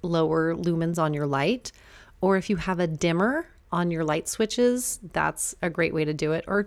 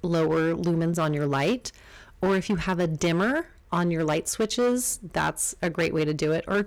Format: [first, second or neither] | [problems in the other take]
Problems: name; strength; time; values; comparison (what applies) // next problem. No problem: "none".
first | distortion; slight; 9% of the sound clipped